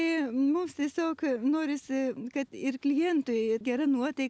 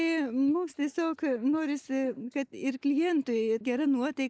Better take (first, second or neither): first